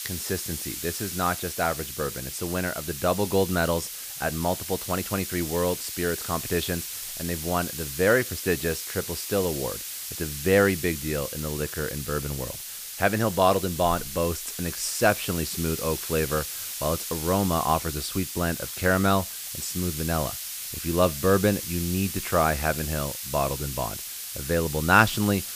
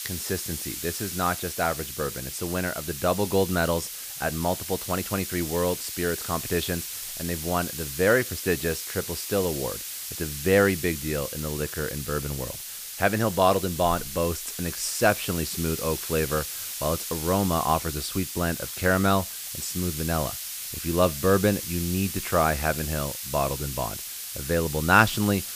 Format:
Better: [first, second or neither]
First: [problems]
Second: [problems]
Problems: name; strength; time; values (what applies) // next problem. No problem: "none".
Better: neither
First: hiss; loud; throughout; 6 dB below the speech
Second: hiss; loud; throughout; 6 dB below the speech